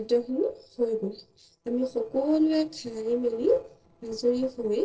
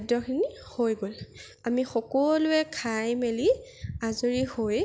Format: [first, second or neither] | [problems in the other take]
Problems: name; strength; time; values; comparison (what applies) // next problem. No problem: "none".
second | noise reduction (neural separator model SepFormer DNS4)